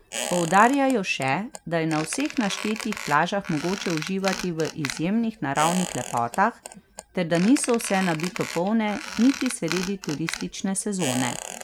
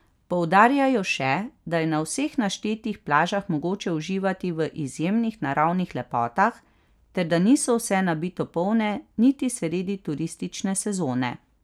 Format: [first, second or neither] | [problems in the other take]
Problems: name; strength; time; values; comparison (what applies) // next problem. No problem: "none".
second | background sound (Squeak); 10 dB below the speech